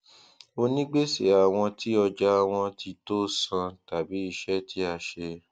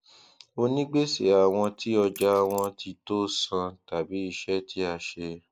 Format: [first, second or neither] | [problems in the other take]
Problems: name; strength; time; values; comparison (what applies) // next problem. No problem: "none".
first | noise reduction (neural mask model Resemble Enhance denoiser)